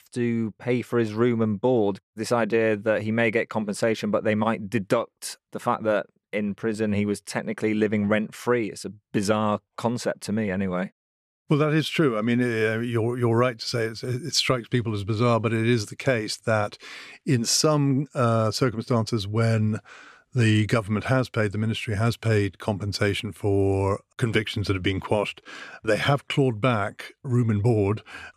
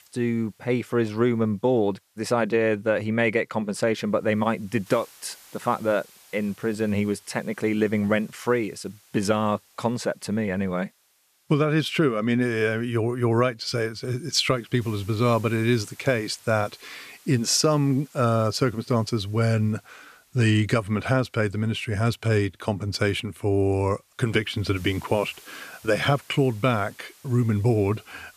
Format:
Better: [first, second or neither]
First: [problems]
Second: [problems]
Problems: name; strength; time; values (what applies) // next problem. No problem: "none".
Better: first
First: none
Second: hiss; faint; throughout; 25 dB below the speech